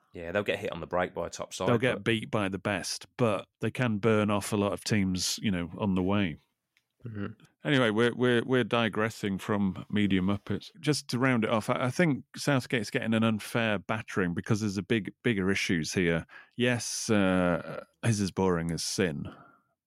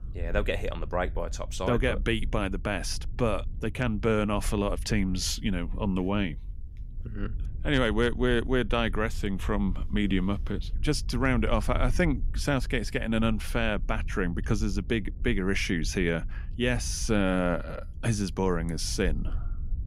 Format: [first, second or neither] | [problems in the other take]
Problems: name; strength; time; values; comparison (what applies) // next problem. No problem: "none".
first | low rumble; faint; throughout; 25 dB below the speech